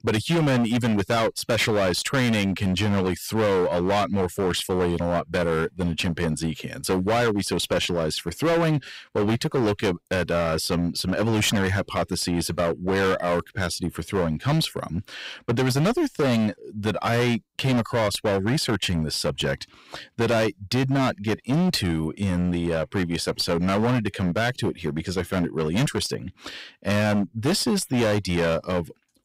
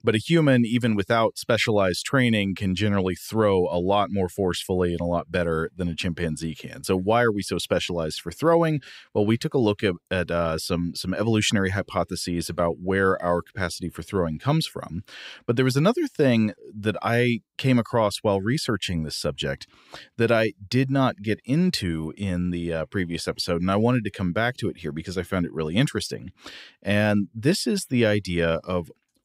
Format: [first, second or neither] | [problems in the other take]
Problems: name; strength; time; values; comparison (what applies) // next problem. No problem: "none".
second | distortion; heavy; 19% of the sound clipped